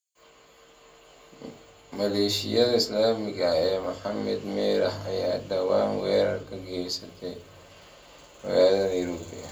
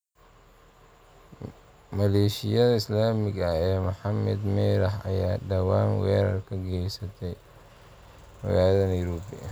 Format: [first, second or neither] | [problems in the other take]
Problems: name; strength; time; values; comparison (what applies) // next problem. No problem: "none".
second | room echo; dies away in 0.2 s